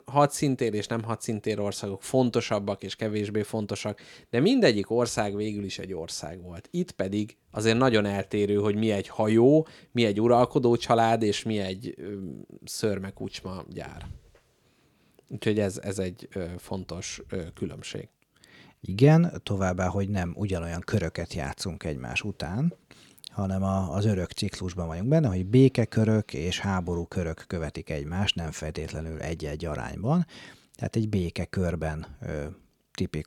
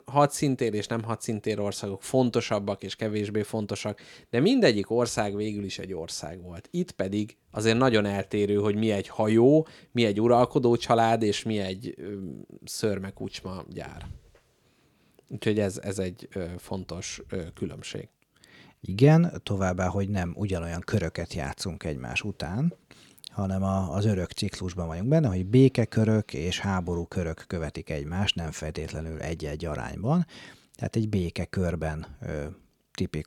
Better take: neither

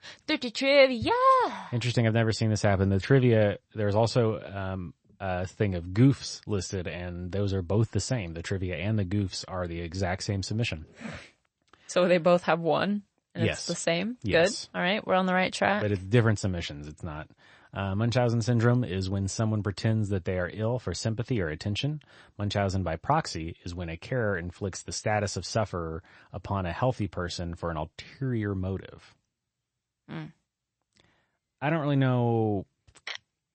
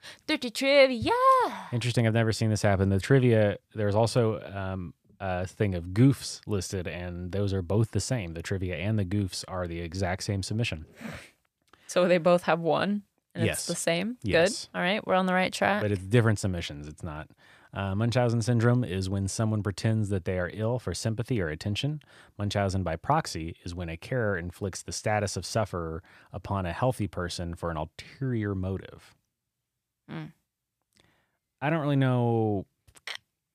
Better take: second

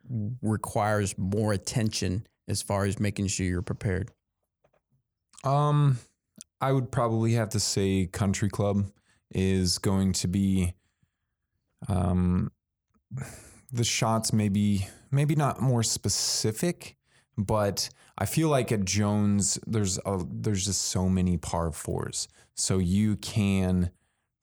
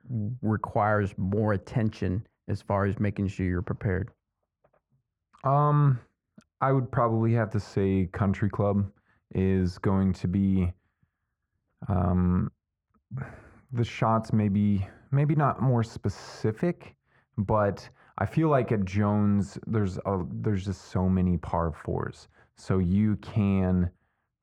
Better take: first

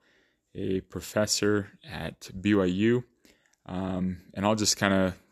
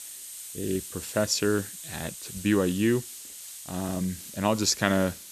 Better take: first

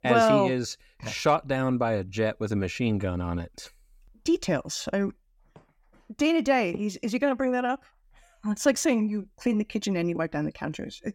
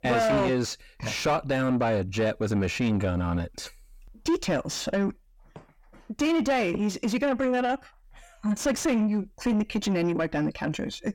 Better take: first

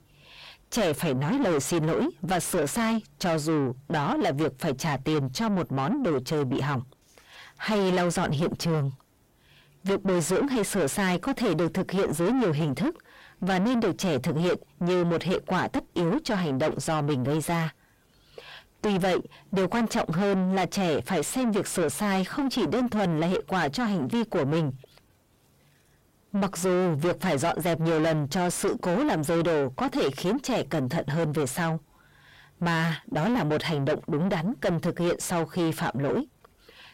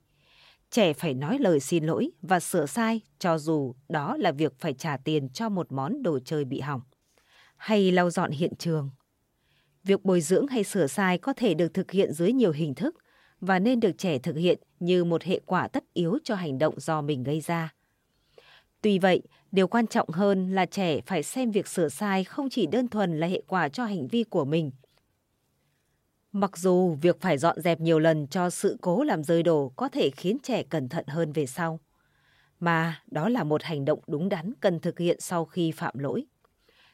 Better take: second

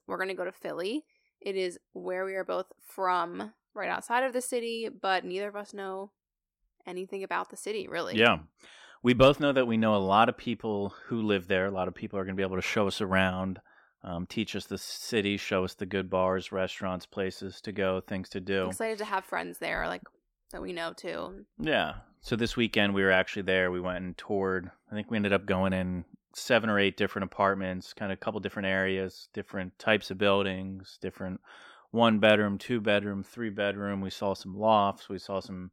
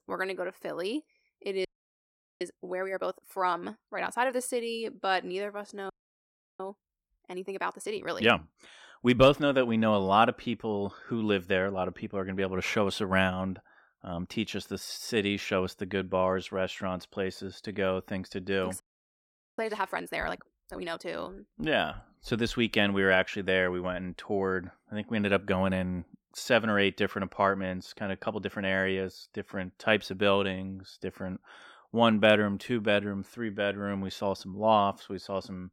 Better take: first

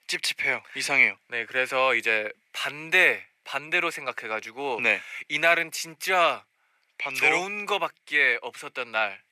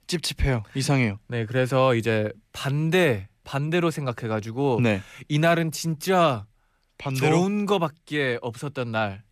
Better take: second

